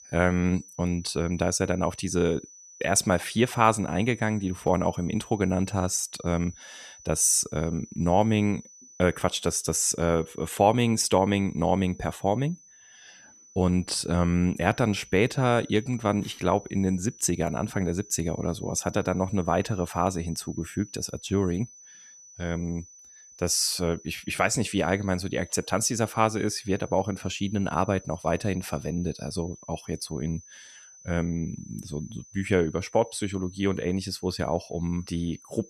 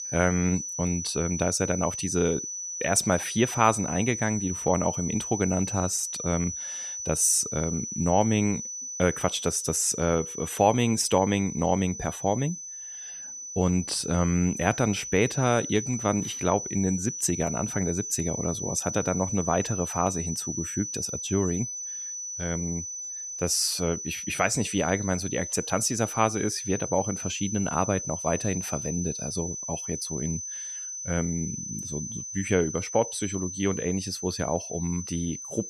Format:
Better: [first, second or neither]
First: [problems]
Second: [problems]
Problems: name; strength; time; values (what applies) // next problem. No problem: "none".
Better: first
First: high-pitched whine; faint; throughout; 6 kHz, 20 dB below the speech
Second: high-pitched whine; loud; throughout; 6 kHz, 6 dB below the speech